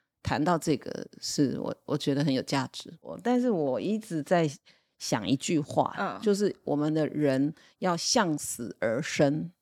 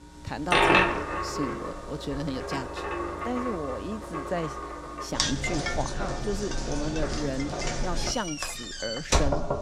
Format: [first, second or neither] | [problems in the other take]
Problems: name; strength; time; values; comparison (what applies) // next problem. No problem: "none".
first | household noises; very loud; throughout; 5 dB above the speech